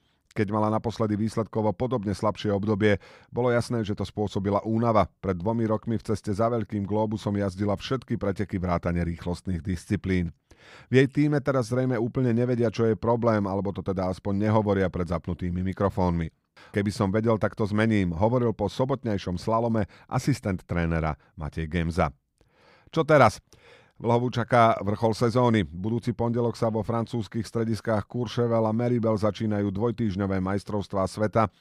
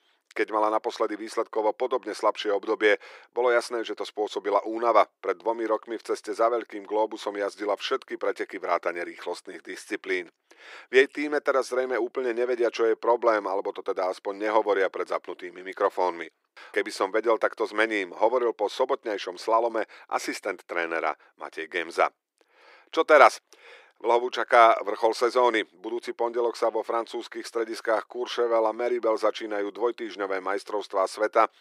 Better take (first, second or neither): first